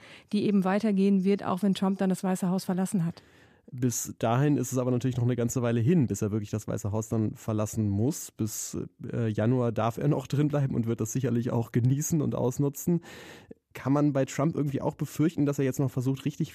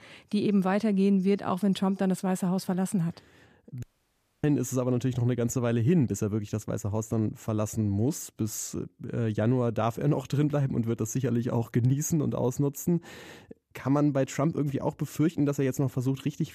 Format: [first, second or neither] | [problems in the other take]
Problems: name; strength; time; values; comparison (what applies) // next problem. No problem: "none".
first | audio cutting out; at 4 s for 0.5 s